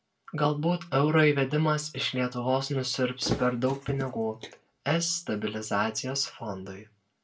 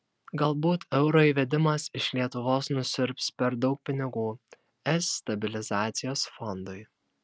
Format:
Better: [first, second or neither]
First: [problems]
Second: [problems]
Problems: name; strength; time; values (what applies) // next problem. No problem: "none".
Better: second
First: background sound (Thump, thud); 10 dB below the speech // room echo; dies away in 0.2 s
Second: none